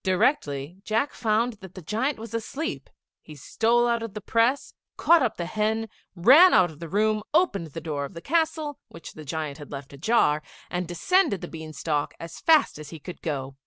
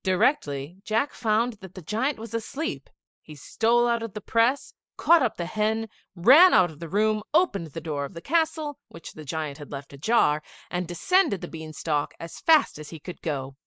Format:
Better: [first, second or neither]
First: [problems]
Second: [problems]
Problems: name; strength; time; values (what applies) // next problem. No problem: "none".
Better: first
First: none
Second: noise reduction (neural mask model Resemble Enhance denoiser)